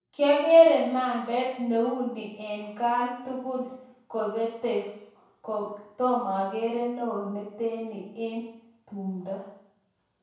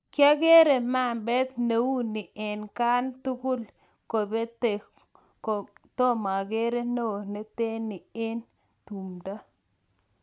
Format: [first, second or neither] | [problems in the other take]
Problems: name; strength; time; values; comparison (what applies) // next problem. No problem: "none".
second | room echo; dies away in 0.6 s